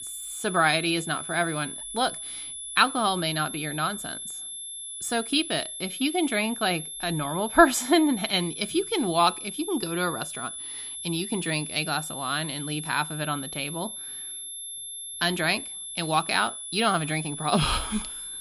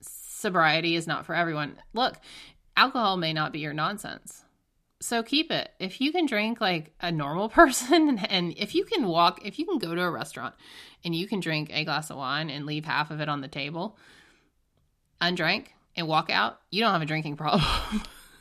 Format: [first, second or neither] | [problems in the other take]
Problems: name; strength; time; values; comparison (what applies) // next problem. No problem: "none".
second | high-pitched whine; loud; throughout; 11 kHz, 8 dB below the speech